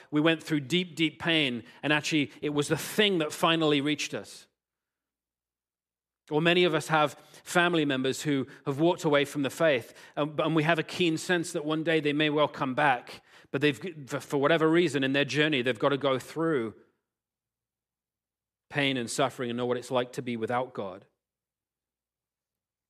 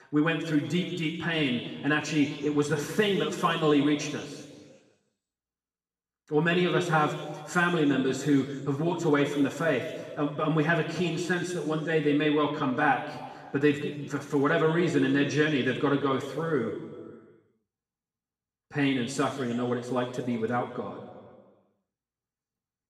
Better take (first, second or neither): first